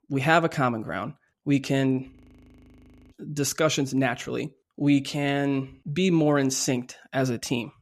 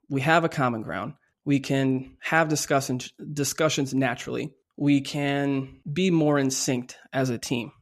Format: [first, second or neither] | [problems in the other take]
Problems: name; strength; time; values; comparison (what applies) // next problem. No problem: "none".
second | audio freezing; at 2 s for 1 s